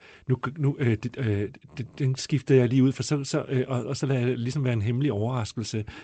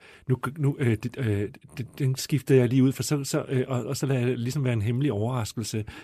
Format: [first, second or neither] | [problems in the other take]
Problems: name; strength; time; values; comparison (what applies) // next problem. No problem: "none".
second | garbled, watery; slightly; nothing above 8 kHz